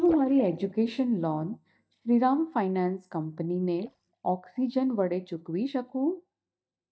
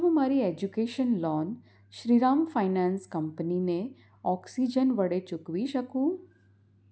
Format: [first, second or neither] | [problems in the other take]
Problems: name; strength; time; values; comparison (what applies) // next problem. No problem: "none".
second | noise reduction (neural mask model DeepFilterNet 3)